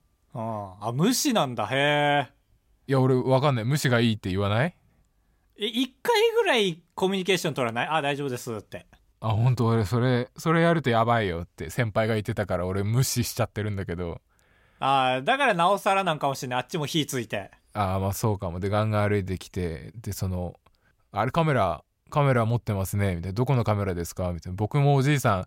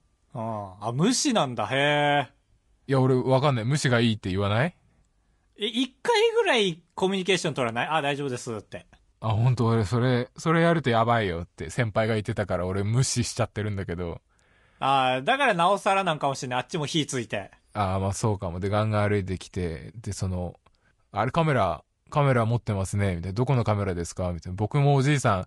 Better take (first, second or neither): first